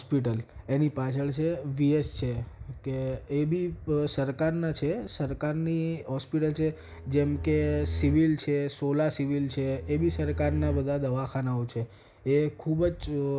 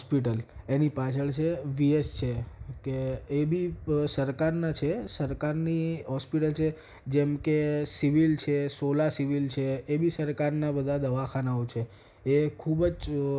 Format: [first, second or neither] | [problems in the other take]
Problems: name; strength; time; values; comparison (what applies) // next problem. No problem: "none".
second | background sound (Bowed string instrument); 6 dB below the speech